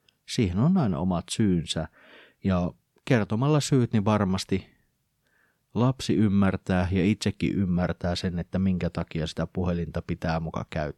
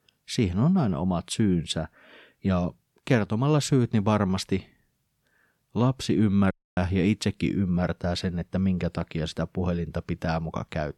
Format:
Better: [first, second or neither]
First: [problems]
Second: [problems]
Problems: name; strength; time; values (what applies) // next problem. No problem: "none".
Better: first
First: none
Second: audio cutting out; at 6.5 s